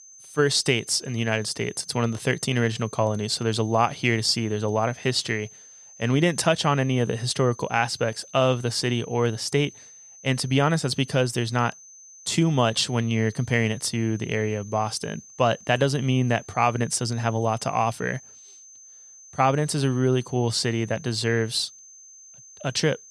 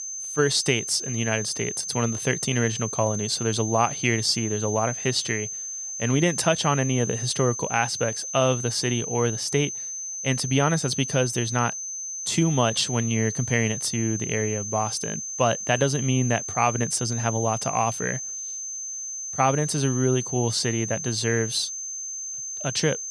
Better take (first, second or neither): first